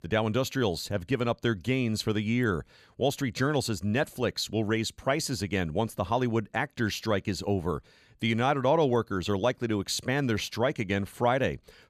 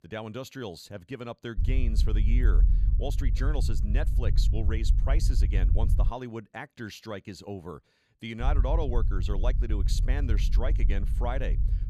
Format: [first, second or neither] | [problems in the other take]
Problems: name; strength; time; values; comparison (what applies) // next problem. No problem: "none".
first | low rumble; loud; from 1.5 to 6 s and from 8.5 s on; 9 dB below the speech